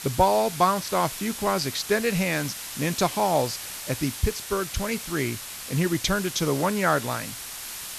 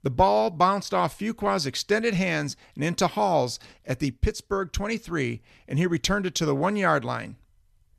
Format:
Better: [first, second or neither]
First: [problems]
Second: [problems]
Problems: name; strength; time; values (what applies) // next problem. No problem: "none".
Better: second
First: hiss; loud; throughout; 8 dB below the speech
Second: none